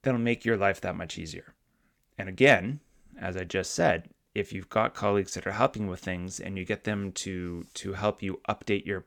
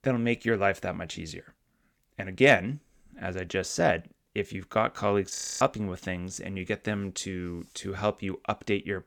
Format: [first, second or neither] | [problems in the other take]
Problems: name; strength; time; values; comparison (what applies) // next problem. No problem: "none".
first | audio freezing; at 5.5 s